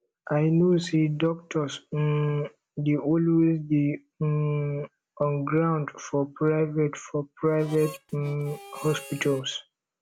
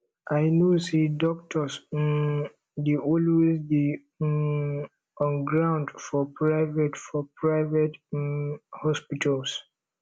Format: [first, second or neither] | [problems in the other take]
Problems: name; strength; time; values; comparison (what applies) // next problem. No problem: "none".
second | background sound (Harmonica); 18 dB below the speech